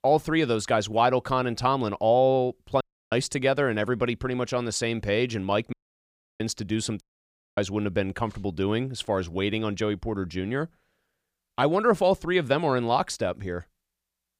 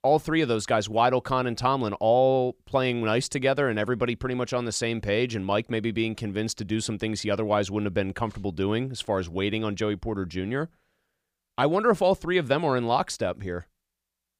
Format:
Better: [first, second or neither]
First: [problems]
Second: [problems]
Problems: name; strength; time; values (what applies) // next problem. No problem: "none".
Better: second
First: audio cutting out; at 3 s, at 5.5 s for 0.5 s and at 7 s for 0.5 s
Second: none